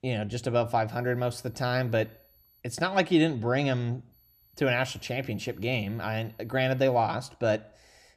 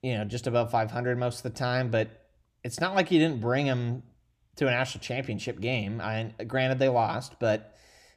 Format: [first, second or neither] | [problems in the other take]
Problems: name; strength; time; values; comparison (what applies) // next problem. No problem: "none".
second | high-pitched whine; faint; from 1 to 2.5 s and from 4 to 7 s; 12 kHz, 30 dB below the speech